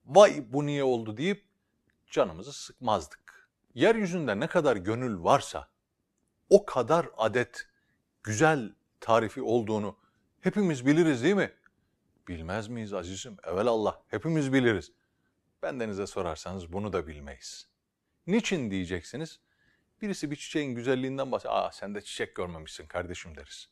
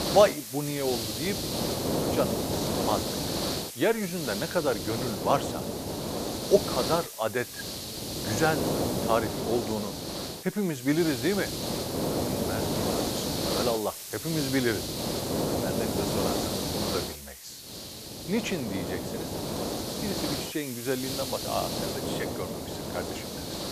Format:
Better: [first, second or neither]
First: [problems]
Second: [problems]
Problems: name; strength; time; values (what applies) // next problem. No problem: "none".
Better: first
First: none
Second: hiss; loud; throughout; 1 dB below the speech